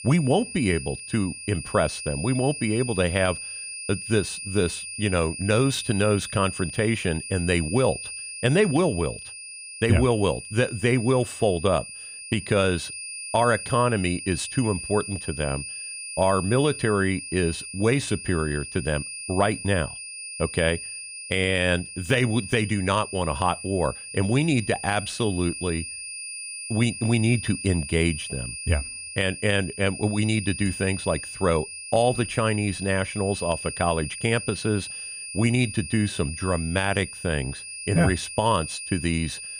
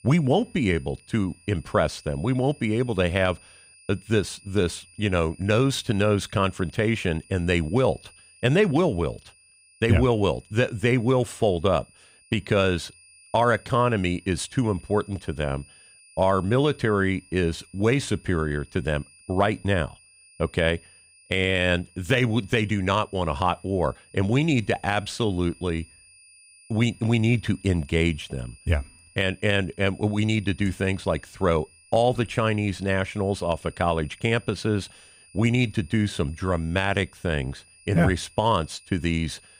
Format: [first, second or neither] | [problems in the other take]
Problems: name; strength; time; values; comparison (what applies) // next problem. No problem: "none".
second | high-pitched whine; loud; throughout; 2.5 kHz, 9 dB below the speech; faint in the second